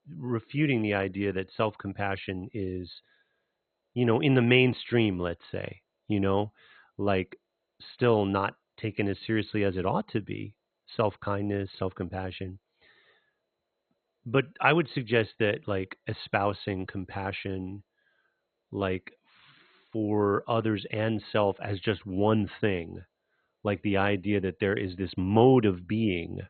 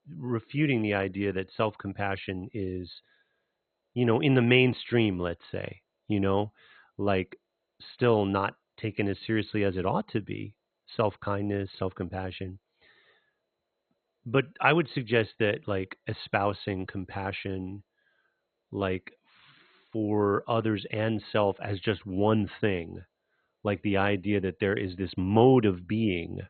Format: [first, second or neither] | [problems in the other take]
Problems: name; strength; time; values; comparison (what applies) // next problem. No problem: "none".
neither | garbled, watery; badly; nothing above 4 kHz; the same in both